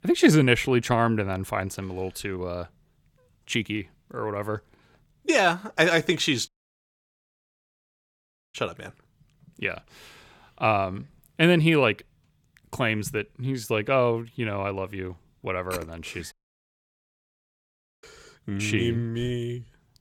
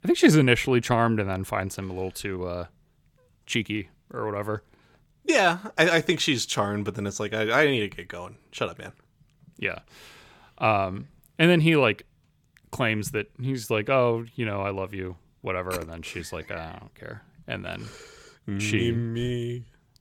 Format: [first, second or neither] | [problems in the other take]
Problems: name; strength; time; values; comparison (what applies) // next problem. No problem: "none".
second | audio cutting out; at 6.5 s for 2 s and at 16 s for 1.5 s